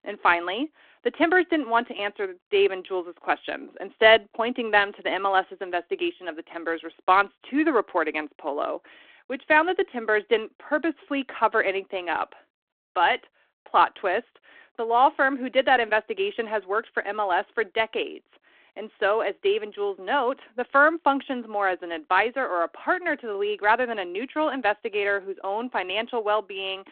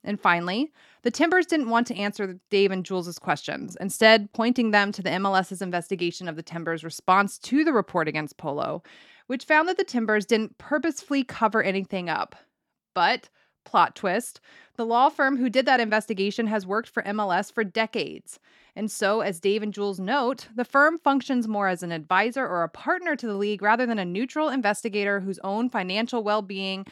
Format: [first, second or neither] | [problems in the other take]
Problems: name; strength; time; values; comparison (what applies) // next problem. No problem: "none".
second | phone-call audio